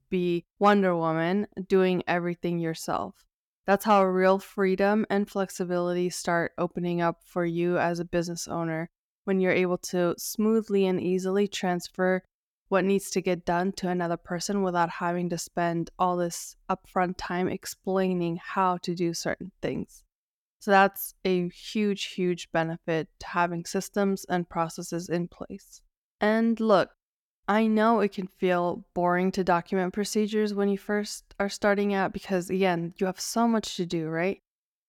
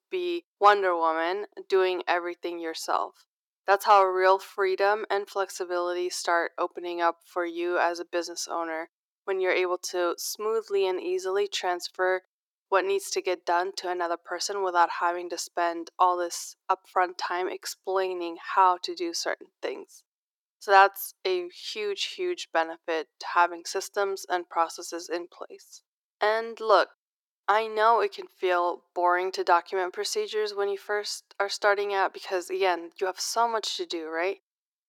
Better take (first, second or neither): first